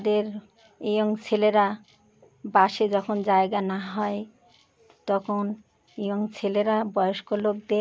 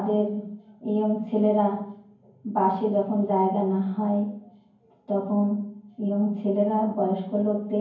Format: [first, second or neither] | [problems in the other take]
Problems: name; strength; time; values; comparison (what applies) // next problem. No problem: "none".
first | room echo; dies away in 0.9 s